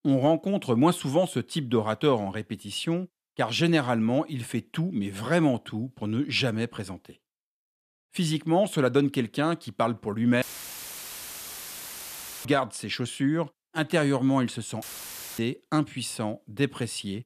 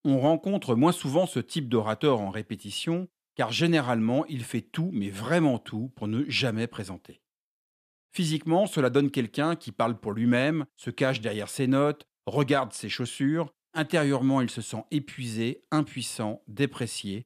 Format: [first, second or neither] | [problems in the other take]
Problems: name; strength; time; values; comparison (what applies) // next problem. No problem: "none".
second | audio cutting out; filled with static; at 10 s for 2 s and at 15 s for 0.5 s